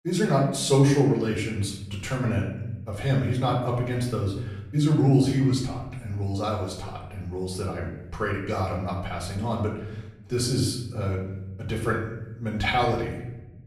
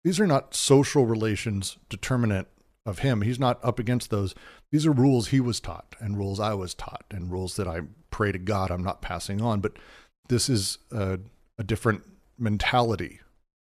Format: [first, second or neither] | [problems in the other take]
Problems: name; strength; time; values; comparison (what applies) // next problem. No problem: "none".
second | off-mic speech; far // room echo; noticeable; dies away in 0.9 s